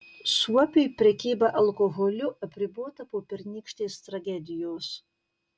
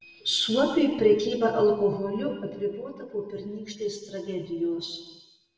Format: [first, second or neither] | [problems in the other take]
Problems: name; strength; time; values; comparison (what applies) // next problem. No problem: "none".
first | room echo; dies away in 1.2 s